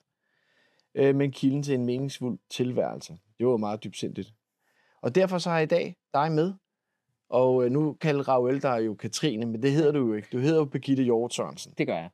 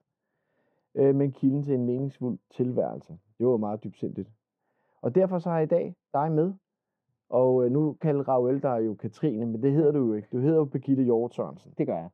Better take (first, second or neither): first